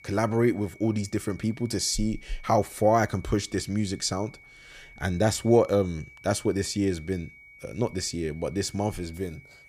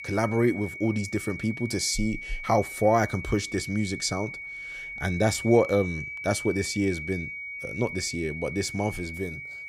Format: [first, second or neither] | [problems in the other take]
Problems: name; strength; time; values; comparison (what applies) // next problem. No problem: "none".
first | high-pitched whine; loud; throughout; 2 kHz, 8 dB below the speech; faint in the first